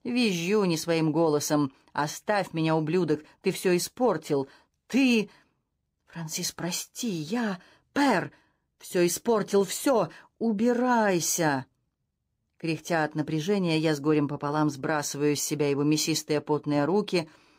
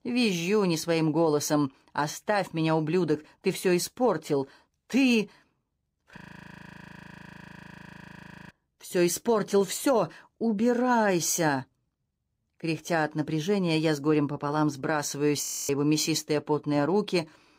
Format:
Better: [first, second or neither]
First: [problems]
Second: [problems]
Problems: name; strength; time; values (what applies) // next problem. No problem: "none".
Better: first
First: none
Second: audio freezing; at 6 s for 2.5 s and at 15 s